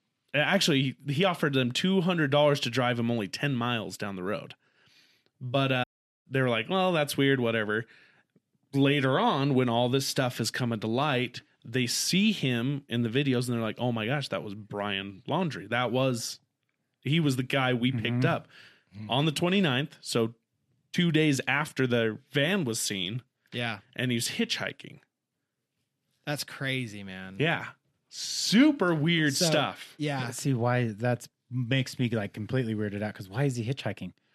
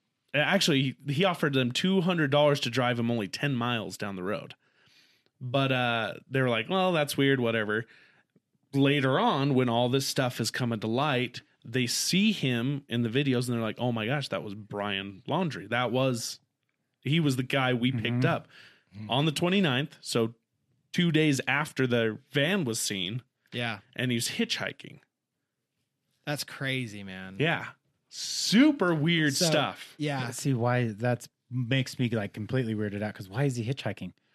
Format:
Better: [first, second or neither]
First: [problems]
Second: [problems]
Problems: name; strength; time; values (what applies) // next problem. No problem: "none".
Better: second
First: audio cutting out; at 6 s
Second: none